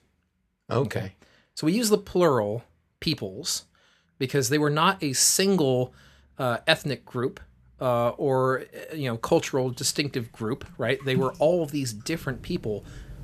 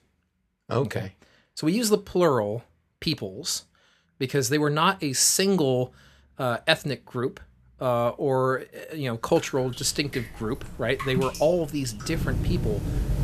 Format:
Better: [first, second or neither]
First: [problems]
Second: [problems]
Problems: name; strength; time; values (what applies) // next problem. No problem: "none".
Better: first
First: rain or running water; faint; from 9.5 s on; 25 dB below the speech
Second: rain or running water; loud; from 9.5 s on; 8 dB below the speech